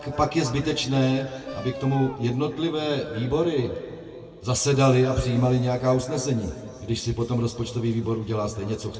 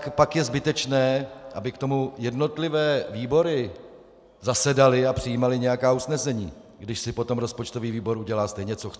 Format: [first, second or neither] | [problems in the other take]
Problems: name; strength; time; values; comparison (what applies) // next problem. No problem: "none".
second | background sound (Wind instrument, woodwind instrument); 17 dB below the speech // room echo; dies away in 2.2 s